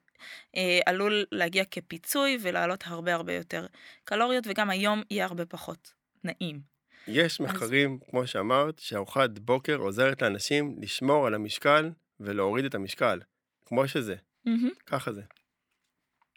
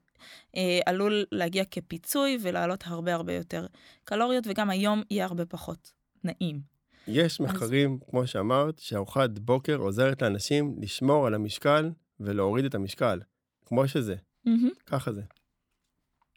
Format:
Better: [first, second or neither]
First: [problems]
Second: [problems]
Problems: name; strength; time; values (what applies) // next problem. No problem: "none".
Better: second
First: thin; very slightly; fading below 500 Hz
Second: none